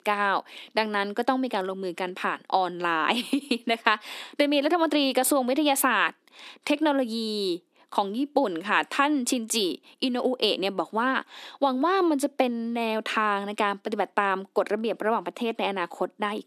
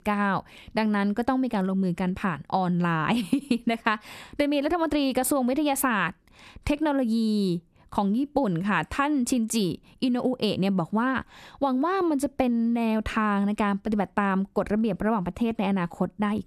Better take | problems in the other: second | thin; very slightly; fading below 300 Hz

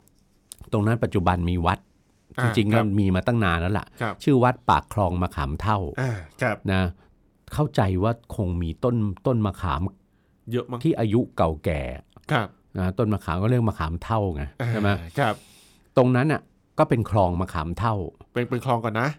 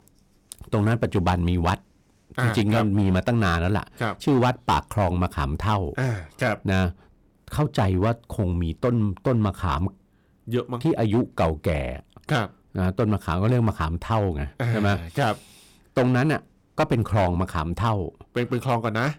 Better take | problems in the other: first | distortion; slight; 6% of the sound clipped

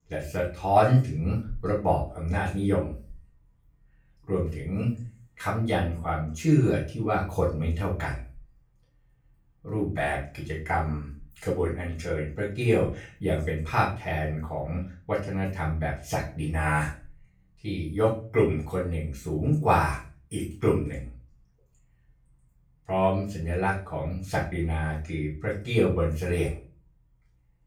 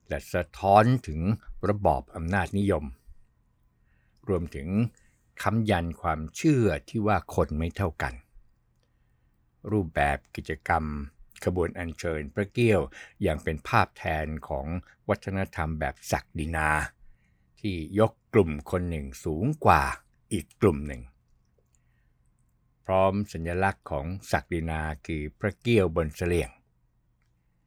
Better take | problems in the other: second | off-mic speech; far // room echo; slight; dies away in 0.3 s

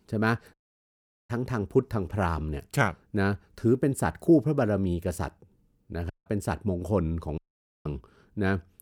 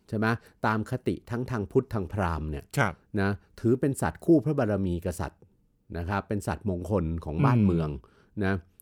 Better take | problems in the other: second | audio cutting out; at 0.5 s for 1 s, at 6 s and at 7.5 s

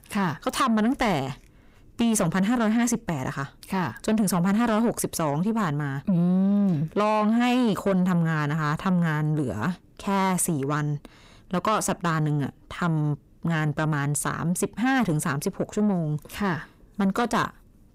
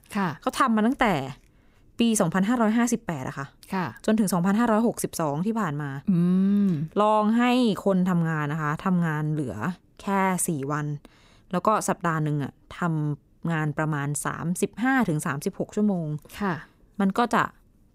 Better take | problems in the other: second | distortion; slight; 10 dB below the speech

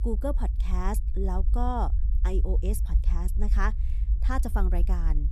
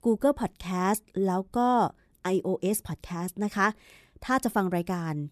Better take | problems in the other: second | low rumble; noticeable; throughout; 15 dB below the speech

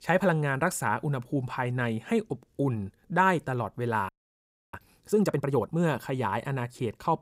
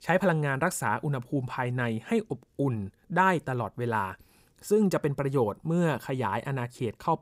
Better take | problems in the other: second | audio freezing; at 4 s for 0.5 s

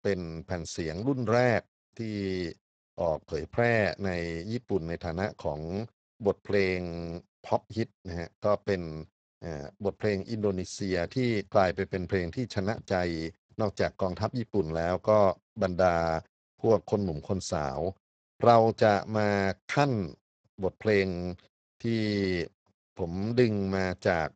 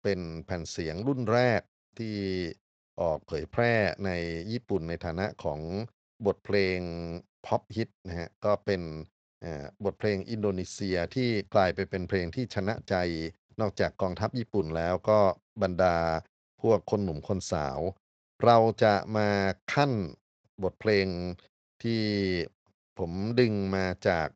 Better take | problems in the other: second | garbled, watery; badly; nothing above 8 kHz; slightly in the second

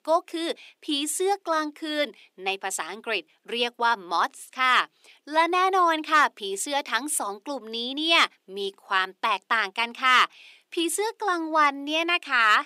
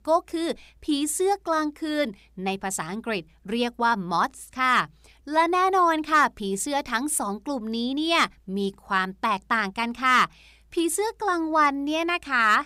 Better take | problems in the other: second | thin; very slightly; fading below 300 Hz

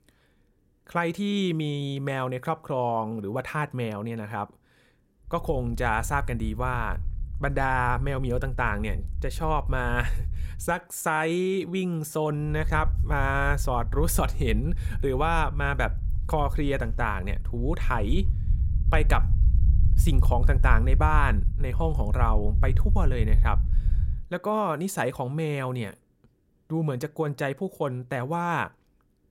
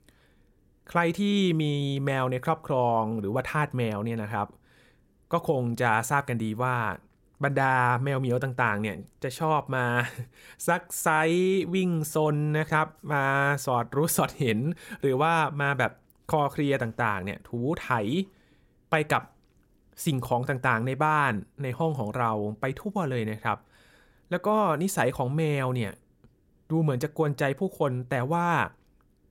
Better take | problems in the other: second | low rumble; noticeable; from 5.5 to 11 s and from 12 to 24 s; 20 dB below the speech

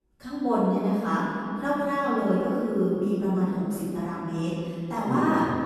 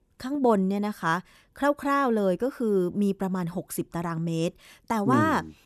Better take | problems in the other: second | off-mic speech; far // room echo; strong; dies away in 2.9 s

